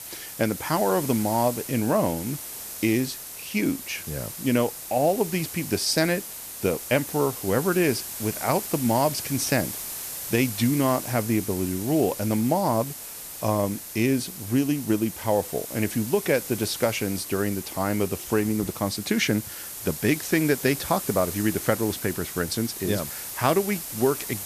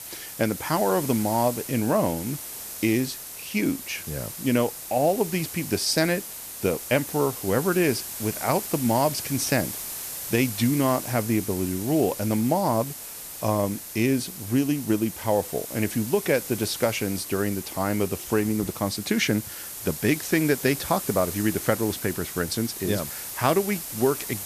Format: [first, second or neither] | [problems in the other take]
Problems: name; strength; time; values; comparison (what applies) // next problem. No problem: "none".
neither | hiss; loud; throughout; 8 dB below the speech; the same in both